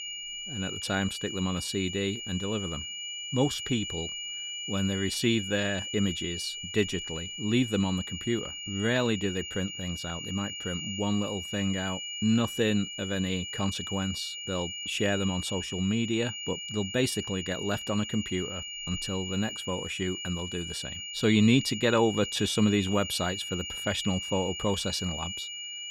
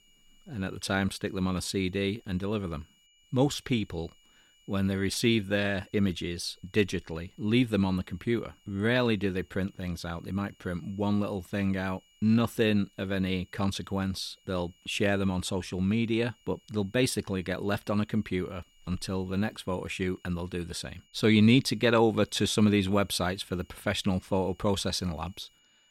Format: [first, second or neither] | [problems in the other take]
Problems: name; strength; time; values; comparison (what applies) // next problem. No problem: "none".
second | high-pitched whine; loud; throughout; 3 kHz, 5 dB below the speech; faint in the second